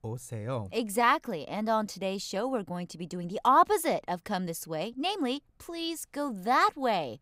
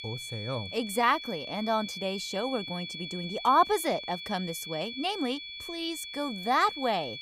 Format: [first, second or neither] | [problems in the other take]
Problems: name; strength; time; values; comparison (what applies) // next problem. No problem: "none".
first | high-pitched whine; loud; throughout; 3.5 kHz, 8 dB below the speech